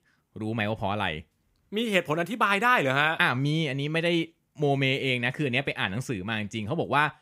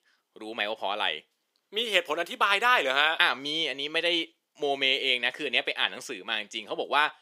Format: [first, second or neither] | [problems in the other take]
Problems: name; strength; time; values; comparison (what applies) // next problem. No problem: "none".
first | thin; very; fading below 400 Hz